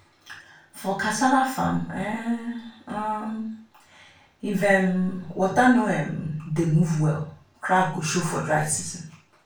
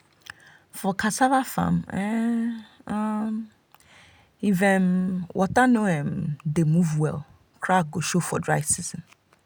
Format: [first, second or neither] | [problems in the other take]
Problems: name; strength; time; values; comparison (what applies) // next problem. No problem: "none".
second | room echo; dies away in 0.3 s